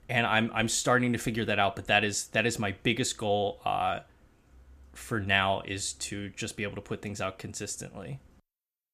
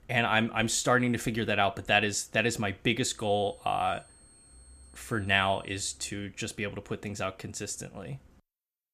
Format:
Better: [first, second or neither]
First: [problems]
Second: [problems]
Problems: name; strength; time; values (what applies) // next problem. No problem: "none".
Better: first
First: none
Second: high-pitched whine; faint; from 3 to 6 s; 8.5 kHz, 25 dB below the speech